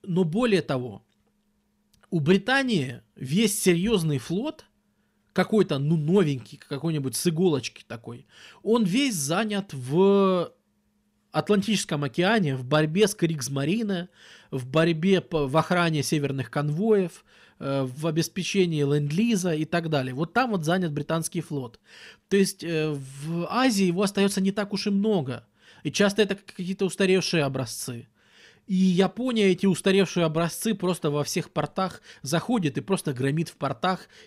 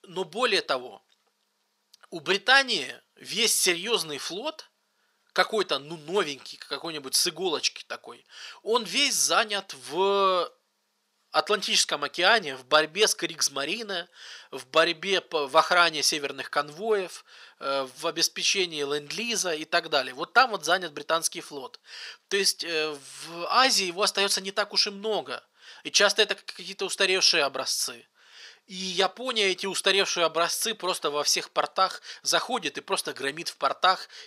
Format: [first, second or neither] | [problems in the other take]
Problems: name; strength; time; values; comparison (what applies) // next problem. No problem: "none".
first | thin; very; fading below 650 Hz